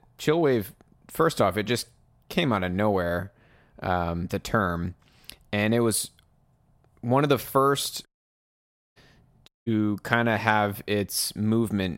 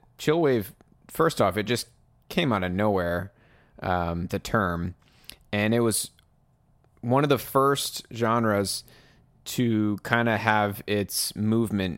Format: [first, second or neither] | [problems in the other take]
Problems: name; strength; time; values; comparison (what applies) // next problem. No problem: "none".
second | audio cutting out; at 8 s for 1 s and at 9.5 s